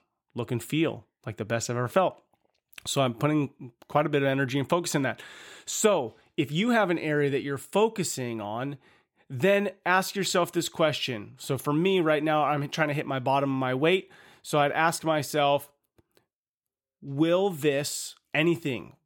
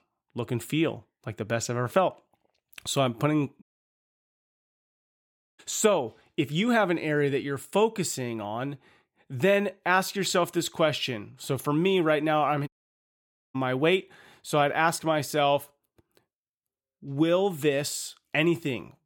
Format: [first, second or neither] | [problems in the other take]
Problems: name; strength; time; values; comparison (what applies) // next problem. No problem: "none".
first | audio cutting out; at 3.5 s for 2 s and at 13 s for 1 s